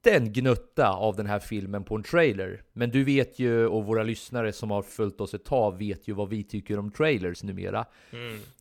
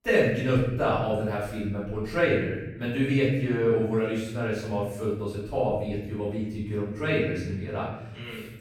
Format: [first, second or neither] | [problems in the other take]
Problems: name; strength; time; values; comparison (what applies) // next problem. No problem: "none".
first | off-mic speech; far // room echo; noticeable; dies away in 1.2 s